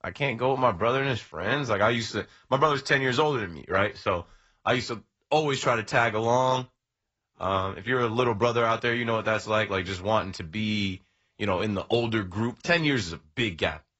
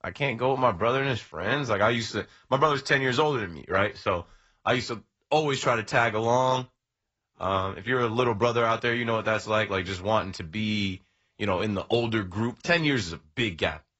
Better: neither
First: garbled, watery; badly; nothing above 7.5 kHz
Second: garbled, watery; badly; nothing above 7.5 kHz

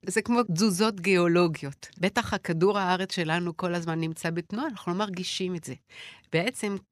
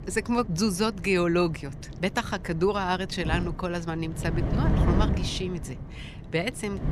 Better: first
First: none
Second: wind noise on the microphone; occasional gusts; 10 dB below the speech

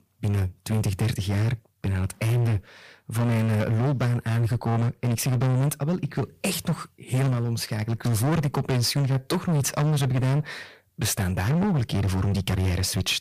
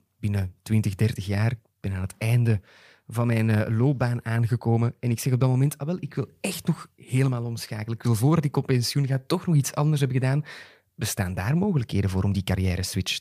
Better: second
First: distortion; heavy; 25% of the sound clipped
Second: none

